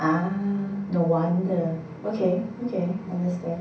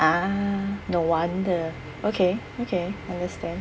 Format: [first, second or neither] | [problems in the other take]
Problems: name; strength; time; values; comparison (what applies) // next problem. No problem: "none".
second | room echo; dies away in 0.6 s